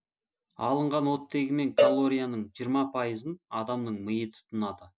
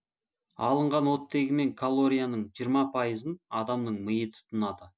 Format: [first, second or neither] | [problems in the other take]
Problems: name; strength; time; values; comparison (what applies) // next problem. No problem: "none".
second | background sound (Cowbell); as loud as the speech